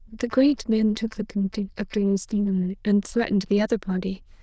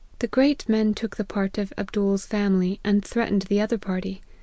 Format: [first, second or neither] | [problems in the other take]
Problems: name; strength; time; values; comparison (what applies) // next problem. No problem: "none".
second | noise reduction (neural diffusion model UNIVERSE++)